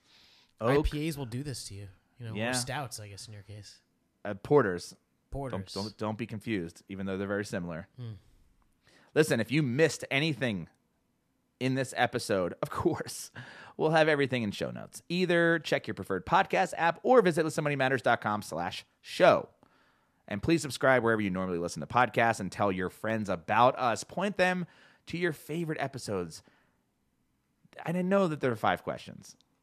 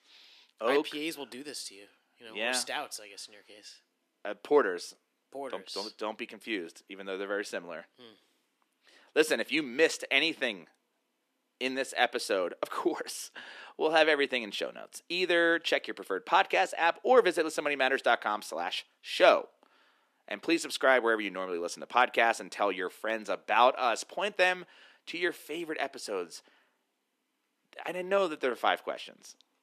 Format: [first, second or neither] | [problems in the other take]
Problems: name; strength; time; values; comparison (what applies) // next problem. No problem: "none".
first | thin; somewhat; fading below 300 Hz